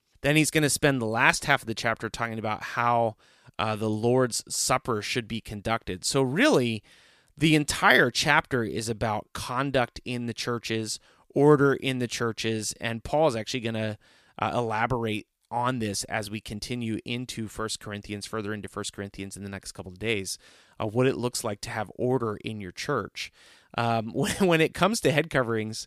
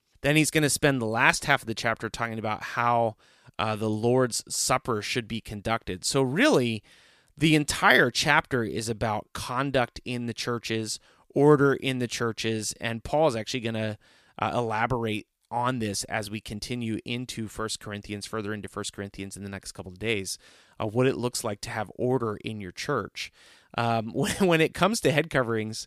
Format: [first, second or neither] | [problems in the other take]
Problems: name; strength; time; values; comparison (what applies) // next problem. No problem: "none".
neither | none